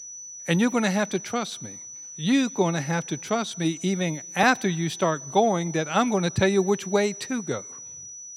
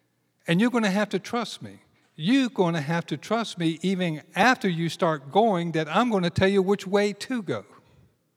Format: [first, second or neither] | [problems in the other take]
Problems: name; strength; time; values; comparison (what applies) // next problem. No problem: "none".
second | high-pitched whine; noticeable; throughout; 6 kHz, 10 dB below the speech